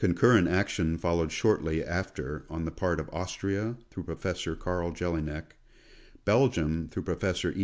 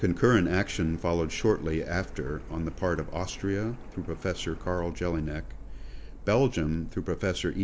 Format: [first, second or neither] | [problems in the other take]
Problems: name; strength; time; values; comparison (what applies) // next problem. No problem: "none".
first | background sound (Printer); 11 dB below the speech